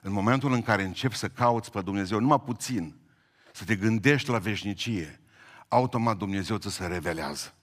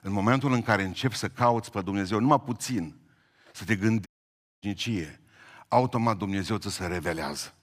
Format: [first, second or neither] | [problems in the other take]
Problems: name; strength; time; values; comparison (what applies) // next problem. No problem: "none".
first | audio cutting out; at 4 s for 0.5 s